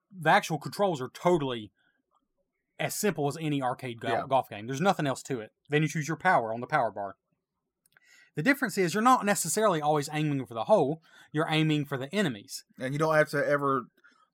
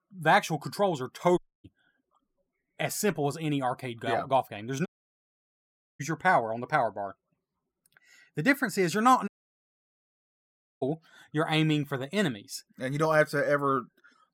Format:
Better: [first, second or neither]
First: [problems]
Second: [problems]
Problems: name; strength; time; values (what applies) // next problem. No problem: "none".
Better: first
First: none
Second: audio cutting out; at 1.5 s, at 5 s for 1 s and at 9.5 s for 1.5 s